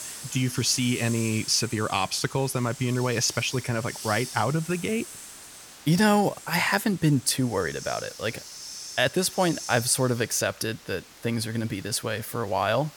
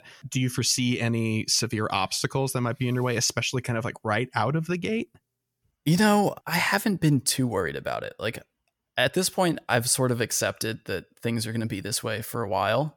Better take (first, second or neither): second